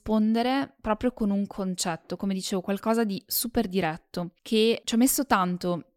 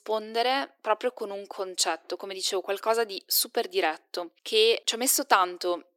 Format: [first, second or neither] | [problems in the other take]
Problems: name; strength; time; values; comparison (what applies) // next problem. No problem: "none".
first | thin; very; fading below 350 Hz